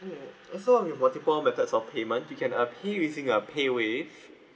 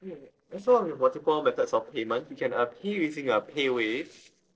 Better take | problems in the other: first | noise reduction (neural separator model SepFormer DNS4)

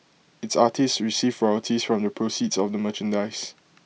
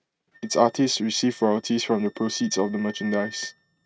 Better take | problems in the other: first | noise reduction (neural mask model RNNoise)

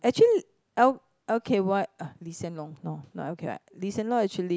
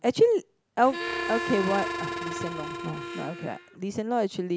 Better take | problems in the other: first | background sound (Harmonica); 6 dB below the speech

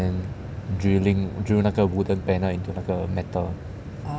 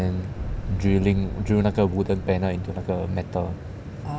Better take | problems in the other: first | background sound (Boom); 11 dB below the speech

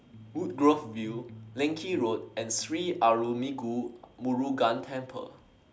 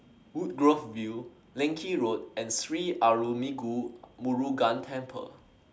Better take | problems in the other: second | background sound (Electric guitar); 19 dB below the speech

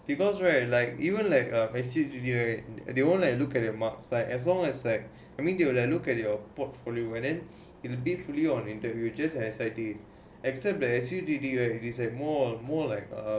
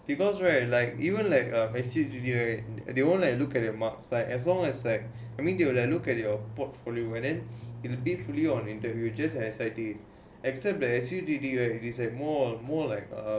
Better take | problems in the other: first | background sound (Bass guitar); 12 dB below the speech

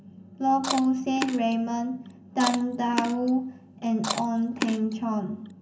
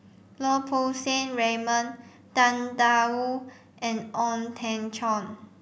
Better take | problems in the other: second | background sound (Chewing, mastication); 9 dB below the speech // room echo; dies away in 0.3 s

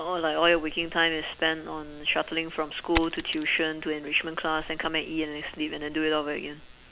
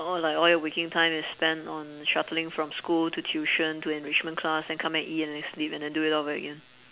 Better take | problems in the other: second | background sound (Coin (dropping)); 13 dB below the speech

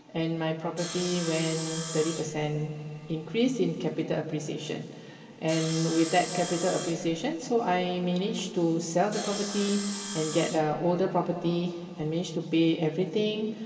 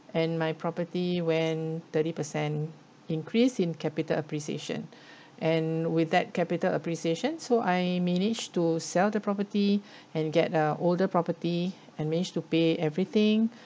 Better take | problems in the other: second | background sound (Sawing); 12 dB below the speech // room echo; dies away in 2.8 s

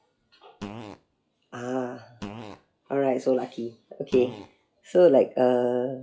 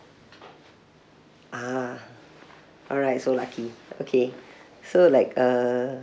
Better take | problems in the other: second | noise reduction (classical method WPE with log-MMSE)

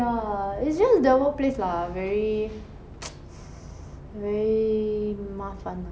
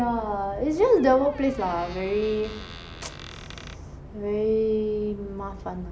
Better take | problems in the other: first | background sound (Squeak); 19 dB below the speech

